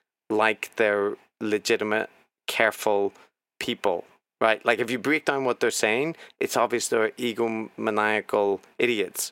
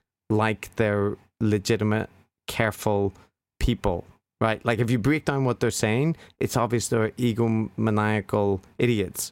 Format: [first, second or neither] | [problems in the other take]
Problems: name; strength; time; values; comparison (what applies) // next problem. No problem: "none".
second | thin; somewhat; fading below 400 Hz